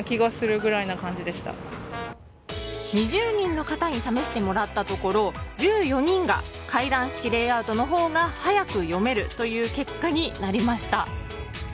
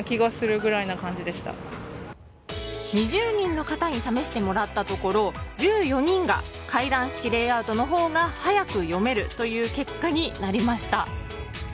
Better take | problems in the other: second | background sound (Brass instrument); 12 dB below the speech

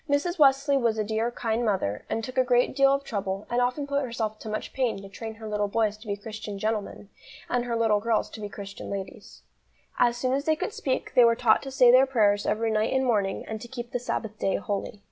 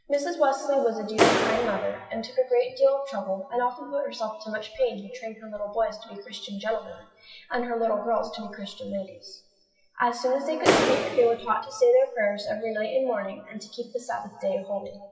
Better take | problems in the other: first | noise reduction (classical method WPE with log-MMSE)

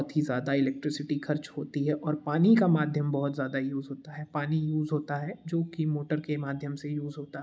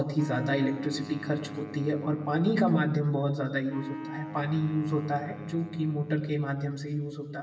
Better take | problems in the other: first | background sound (Wind instrument, woodwind instrument); 14 dB below the speech // room echo; dies away in 1 s

